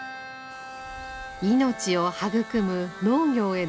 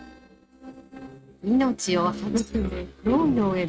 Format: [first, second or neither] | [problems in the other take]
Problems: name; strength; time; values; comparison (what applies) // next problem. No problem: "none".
first | noise reduction (neural mask model RNNoise)